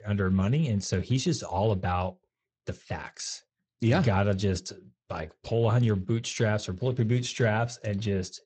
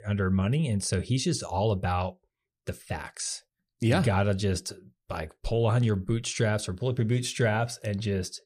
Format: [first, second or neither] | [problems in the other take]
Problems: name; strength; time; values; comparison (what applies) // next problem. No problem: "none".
second | garbled, watery; slightly; nothing above 8 kHz